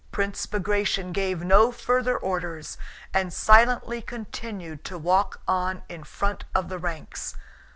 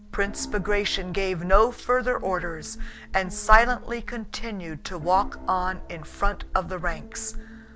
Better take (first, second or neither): first